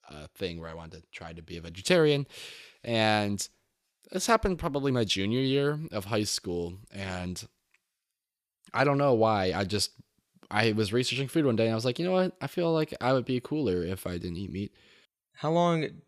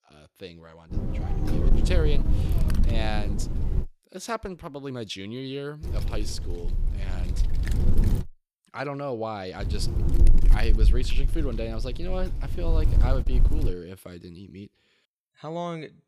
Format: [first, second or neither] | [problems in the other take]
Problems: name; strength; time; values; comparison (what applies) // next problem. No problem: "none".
first | wind noise on the microphone; heavy; from 1 to 4 s, from 6 to 8 s and from 9.5 to 14 s; 6 dB below the speech